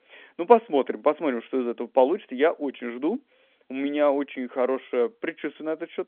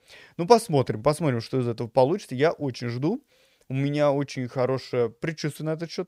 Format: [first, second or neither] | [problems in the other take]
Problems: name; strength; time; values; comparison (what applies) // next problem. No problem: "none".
second | phone-call audio; nothing above 3.5 kHz